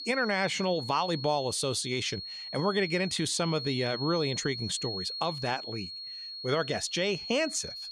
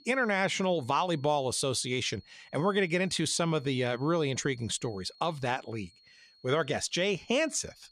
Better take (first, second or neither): second